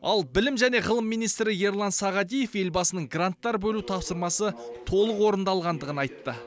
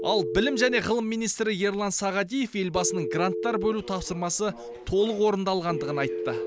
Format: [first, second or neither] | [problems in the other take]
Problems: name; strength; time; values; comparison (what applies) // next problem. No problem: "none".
first | background sound (Telephone); 7 dB below the speech